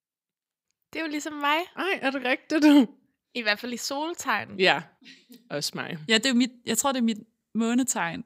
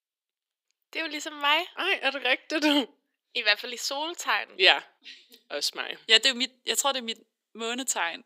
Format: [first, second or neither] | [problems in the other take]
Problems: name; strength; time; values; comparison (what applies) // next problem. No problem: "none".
first | thin; somewhat; fading below 350 Hz